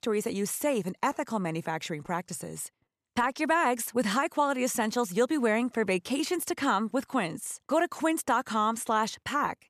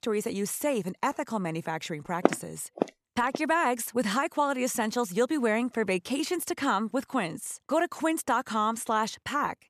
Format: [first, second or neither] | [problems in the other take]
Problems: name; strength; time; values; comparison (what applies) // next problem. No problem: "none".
first | footsteps; loud; from 2.5 to 3.5 s; peak 1 dB above the speech